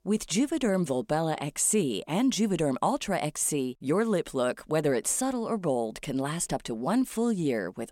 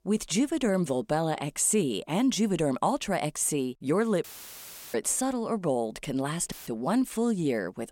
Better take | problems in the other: first | audio cutting out; filled with static; at 4 s for 0.5 s and at 6.5 s

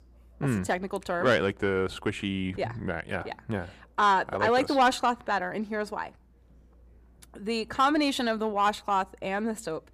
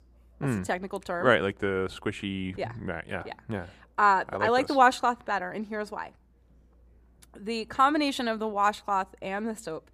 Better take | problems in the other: second | distortion; slight; 10 dB below the speech

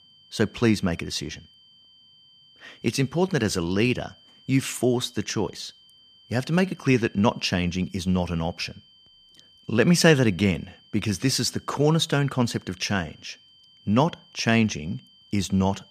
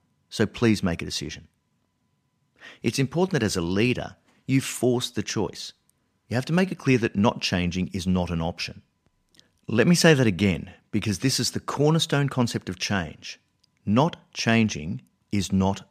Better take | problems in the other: second | high-pitched whine; faint; throughout; 3 kHz, 30 dB below the speech

